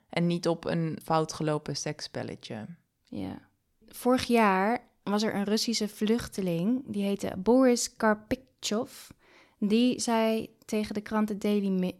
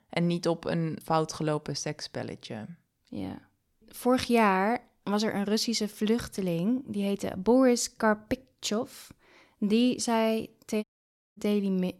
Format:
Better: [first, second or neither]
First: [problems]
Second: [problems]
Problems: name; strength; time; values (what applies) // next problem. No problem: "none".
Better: first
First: none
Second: audio cutting out; at 11 s for 0.5 s